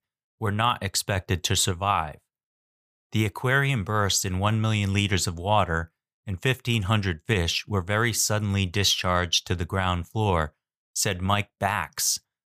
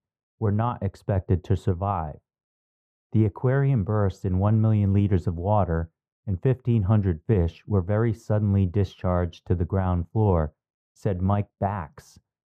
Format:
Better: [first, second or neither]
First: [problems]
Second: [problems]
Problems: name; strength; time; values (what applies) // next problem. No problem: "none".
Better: first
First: none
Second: muffled; very; fading above 1.5 kHz